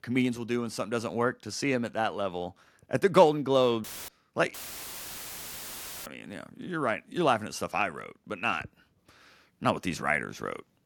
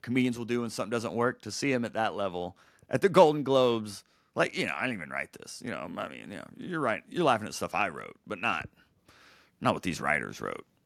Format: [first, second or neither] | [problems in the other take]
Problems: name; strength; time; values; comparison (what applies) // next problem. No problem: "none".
second | audio cutting out; filled with static; at 4 s and at 4.5 s for 1.5 s